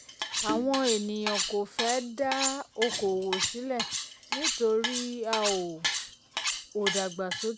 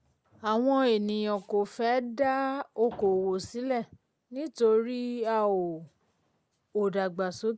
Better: second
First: background sound (Cutlery, silverware); 2 dB below the speech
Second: none

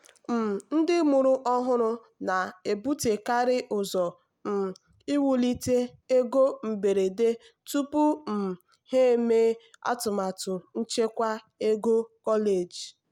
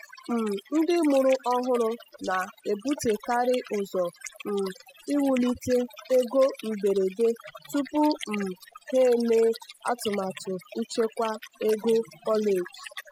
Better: first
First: none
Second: noise reduction (classical method spectral subtraction)

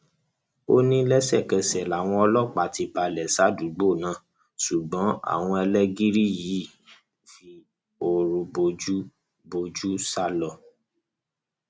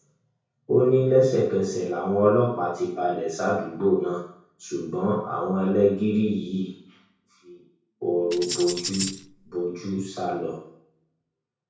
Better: first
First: none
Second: background sound (Tambourine); 8 dB below the speech // room echo; dies away in 0.6 s

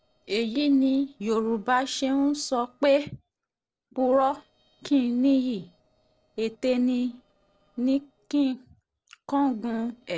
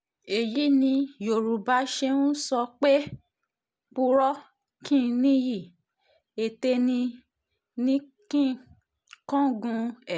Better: second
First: noise reduction (neural separator model SepFormer DNS4)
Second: none

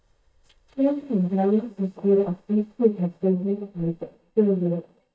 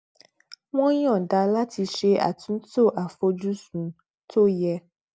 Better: second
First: noise reduction (neural mask model DeepFilterNet 3)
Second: none

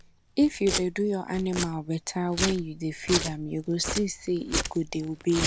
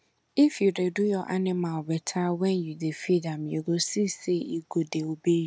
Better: second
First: background sound (Domestic sounds, home sounds); 6 dB below the speech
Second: none

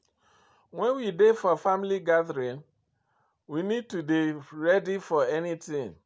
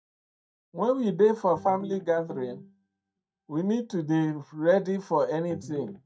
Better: first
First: none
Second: noise reduction (neural mask model DeepFilterNet 3)

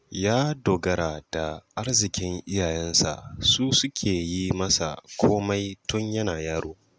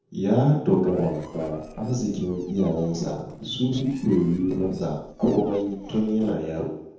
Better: first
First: none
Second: noise reduction (neural separator model SepFormer DNS4)

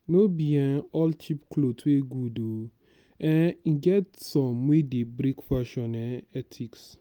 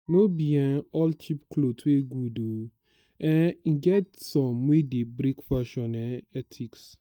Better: first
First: none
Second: noise reduction (neural mask model DeepFilterNet 3)

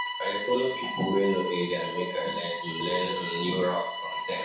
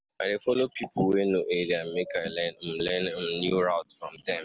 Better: second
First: background sound (Bowed string instrument); 5 dB below the speech // room echo; dies away in 0.6 s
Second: none

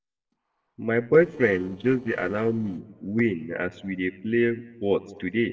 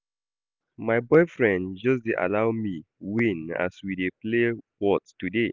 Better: second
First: noise reduction (neural separator model SepFormer DNS4)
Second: none

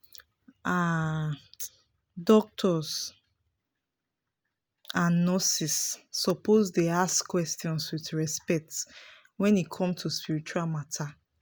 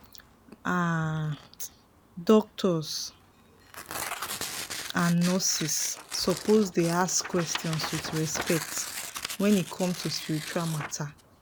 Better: first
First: none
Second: background sound (Tearing); 10 dB below the speech

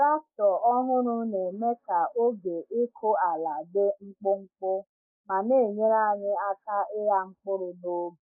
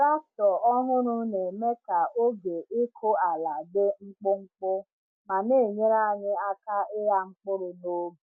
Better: second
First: noise reduction (neural mask model Resemble Enhance denoiser)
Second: none

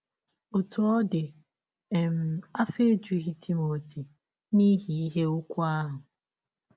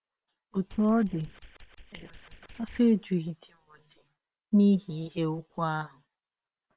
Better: first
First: none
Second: noise reduction (neural separator model SepFormer WHAM!)

